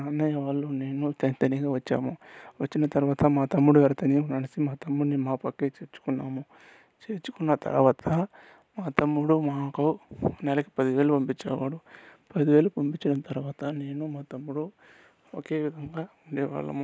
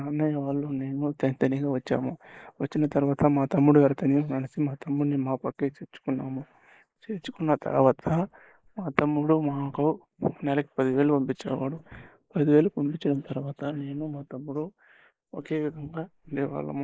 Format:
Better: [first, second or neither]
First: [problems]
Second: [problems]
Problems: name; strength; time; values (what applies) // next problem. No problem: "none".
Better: first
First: none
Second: noise reduction (neural mask model Resemble Enhance denoiser)